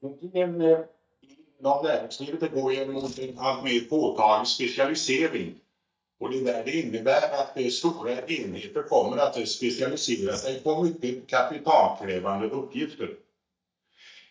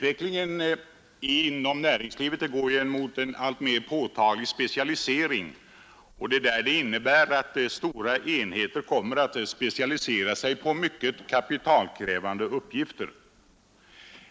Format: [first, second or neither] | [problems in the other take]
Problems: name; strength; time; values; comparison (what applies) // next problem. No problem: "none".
second | noise reduction (neural mask model DeepFilterNet 3)